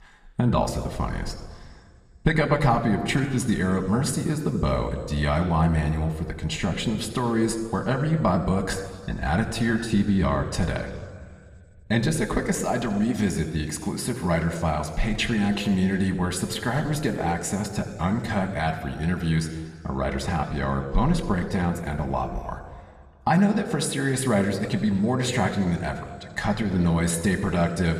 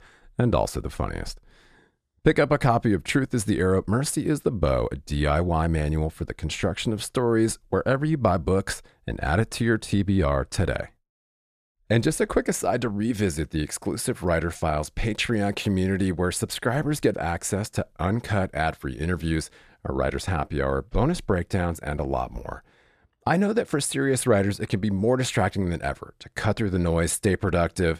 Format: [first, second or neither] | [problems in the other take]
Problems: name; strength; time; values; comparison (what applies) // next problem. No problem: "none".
second | room echo; slight; dies away in 1.8 s